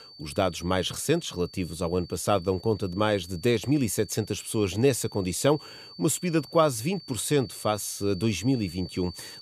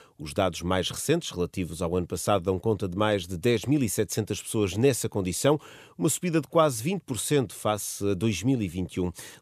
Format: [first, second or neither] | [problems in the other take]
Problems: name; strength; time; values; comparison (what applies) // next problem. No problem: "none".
second | high-pitched whine; noticeable; throughout; 4.5 kHz, 20 dB below the speech